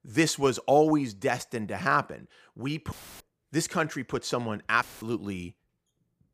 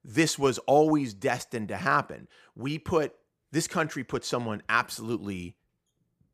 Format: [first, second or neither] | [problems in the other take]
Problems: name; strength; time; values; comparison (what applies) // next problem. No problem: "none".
second | audio cutting out; filled with static; at 3 s and at 5 s